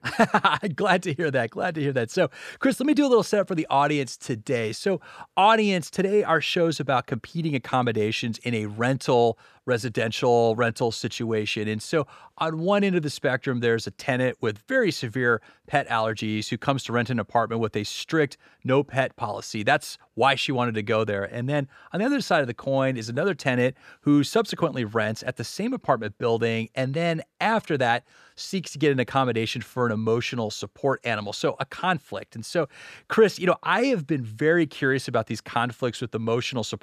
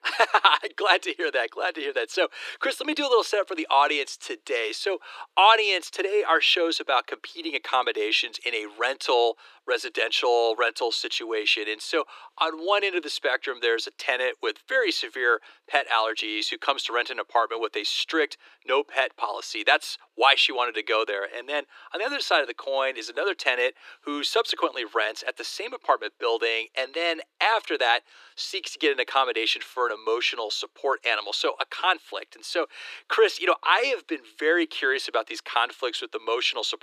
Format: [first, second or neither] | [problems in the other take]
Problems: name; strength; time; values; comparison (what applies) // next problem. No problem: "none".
first | thin; very; fading below 300 Hz